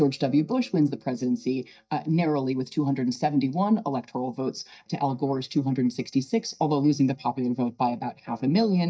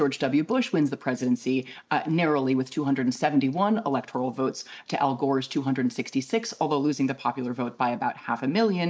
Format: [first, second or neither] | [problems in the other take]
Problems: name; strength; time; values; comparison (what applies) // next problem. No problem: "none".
second | noise reduction (neural mask model DeepFilterNet 3)